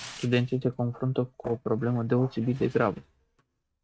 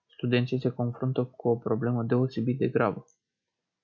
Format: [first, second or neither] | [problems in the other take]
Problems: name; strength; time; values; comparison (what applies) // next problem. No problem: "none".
second | noise reduction (neural mask model RNNoise)